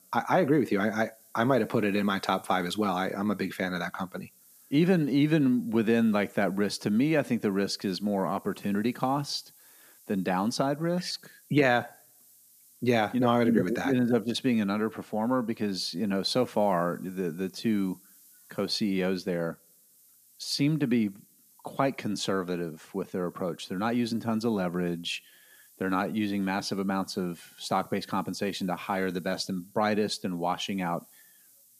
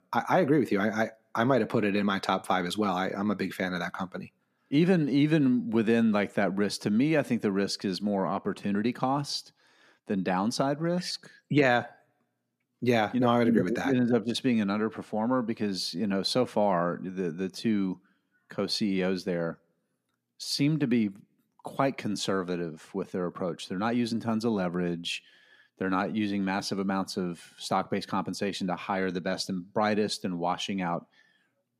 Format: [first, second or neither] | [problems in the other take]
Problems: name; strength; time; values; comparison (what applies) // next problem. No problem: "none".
second | hiss; faint; throughout; 25 dB below the speech